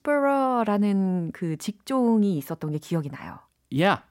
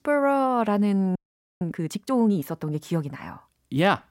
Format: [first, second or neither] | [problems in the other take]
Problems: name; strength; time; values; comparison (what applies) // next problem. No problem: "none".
first | audio freezing; at 1 s